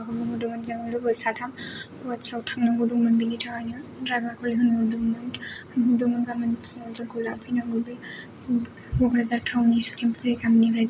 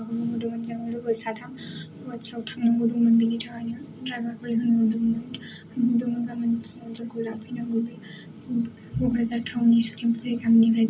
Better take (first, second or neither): first